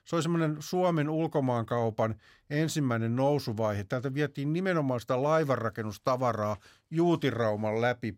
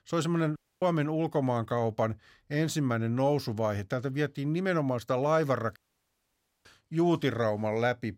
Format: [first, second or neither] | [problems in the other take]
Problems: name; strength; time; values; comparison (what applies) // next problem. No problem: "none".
first | audio cutting out; at 0.5 s and at 6 s for 1 s